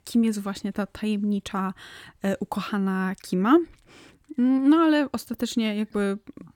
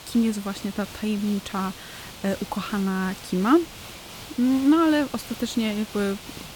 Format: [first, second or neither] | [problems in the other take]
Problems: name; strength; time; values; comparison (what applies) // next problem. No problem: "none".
first | hiss; noticeable; throughout; 15 dB below the speech